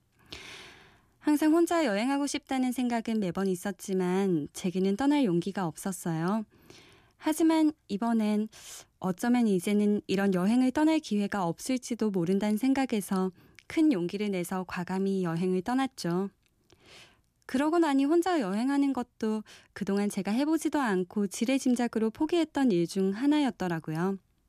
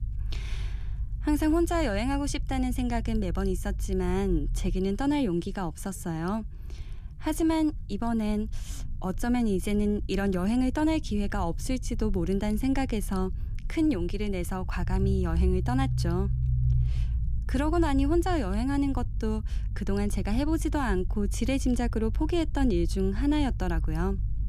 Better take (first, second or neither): first